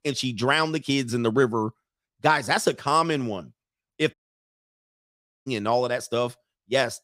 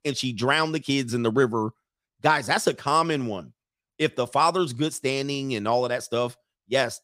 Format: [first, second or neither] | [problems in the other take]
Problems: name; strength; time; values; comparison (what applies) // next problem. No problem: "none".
second | audio cutting out; at 4 s for 1.5 s